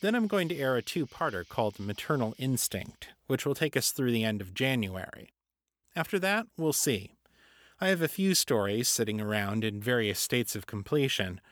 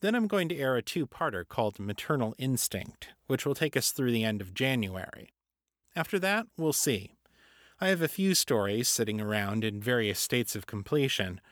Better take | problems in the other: second | animal sounds; faint; until 2.5 s; 25 dB below the speech

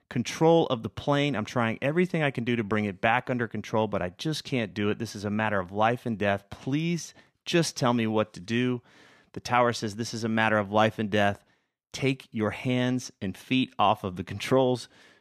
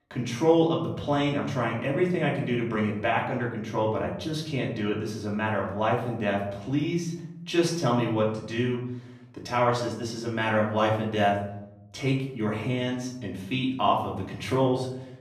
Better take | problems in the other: first | off-mic speech; far // room echo; noticeable; dies away in 0.8 s

